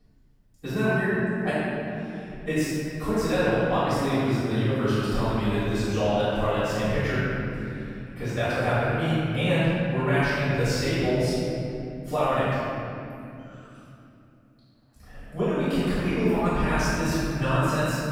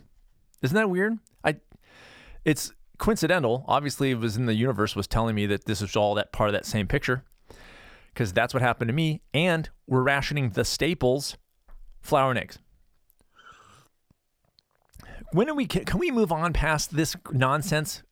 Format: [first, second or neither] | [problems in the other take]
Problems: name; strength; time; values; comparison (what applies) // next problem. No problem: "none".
second | off-mic speech; far // room echo; strong; dies away in 2.9 s